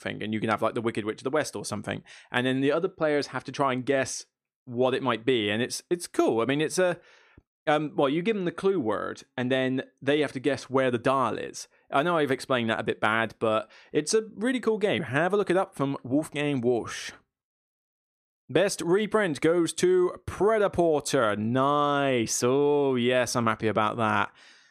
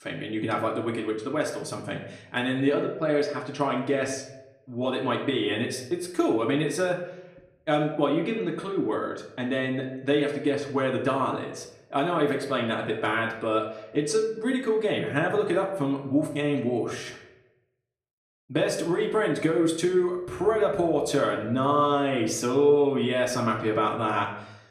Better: first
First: none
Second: room echo; slight; dies away in 0.7 s // off-mic speech; far

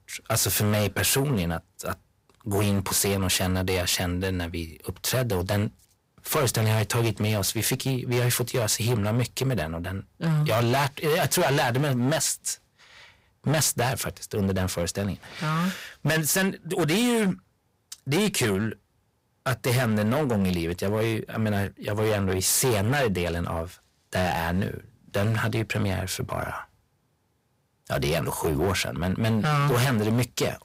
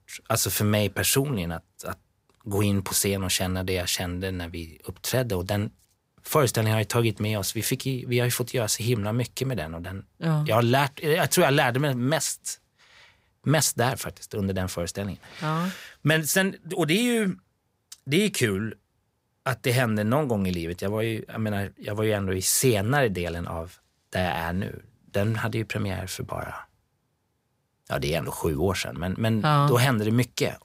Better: second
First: distortion; heavy; 12% of the sound clipped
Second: none

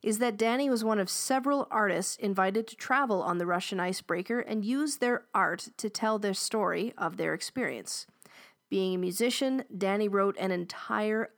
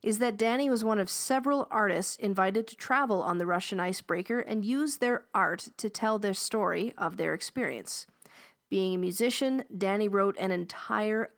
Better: first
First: none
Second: garbled, watery; slightly; nothing above 19 kHz

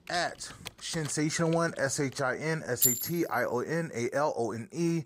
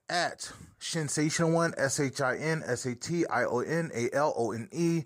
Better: second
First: household noises; very loud; throughout; 2 dB above the speech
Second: none

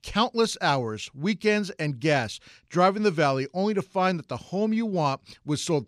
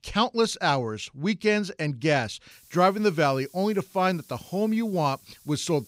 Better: first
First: none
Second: hiss; faint; from 2.5 s on; 25 dB below the speech

